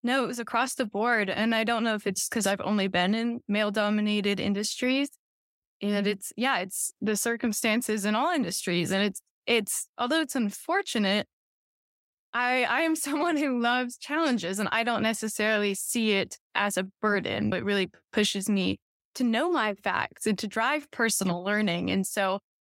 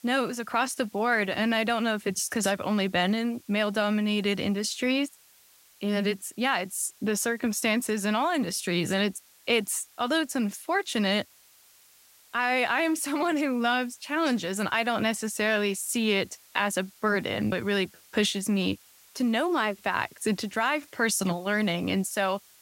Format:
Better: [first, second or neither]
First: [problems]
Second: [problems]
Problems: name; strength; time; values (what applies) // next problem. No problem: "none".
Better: first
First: none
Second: hiss; faint; throughout; 25 dB below the speech